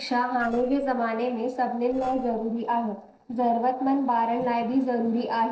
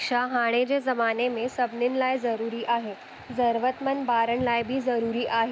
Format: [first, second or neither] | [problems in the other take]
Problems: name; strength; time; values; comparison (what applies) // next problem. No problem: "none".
second | noise reduction (neural separator model SepFormer DNS4)